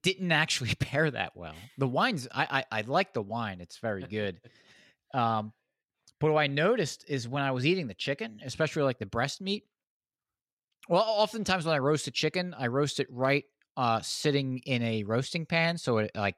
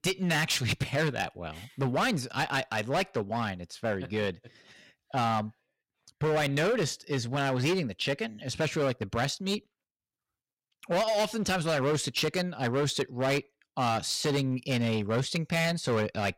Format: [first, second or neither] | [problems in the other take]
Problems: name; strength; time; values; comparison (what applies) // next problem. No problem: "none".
first | distortion; heavy; 12% of the sound clipped